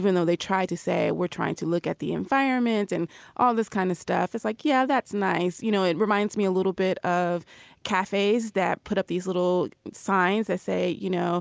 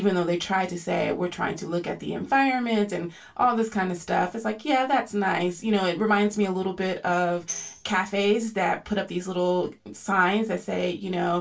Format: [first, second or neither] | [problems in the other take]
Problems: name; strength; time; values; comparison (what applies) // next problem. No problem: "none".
first | background sound (Tambourine); 15 dB below the speech // room echo; dies away in 0.2 s